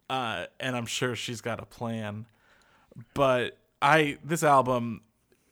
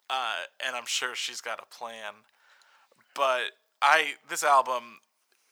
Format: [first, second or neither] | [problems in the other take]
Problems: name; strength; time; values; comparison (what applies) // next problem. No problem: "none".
first | thin; very; fading below 900 Hz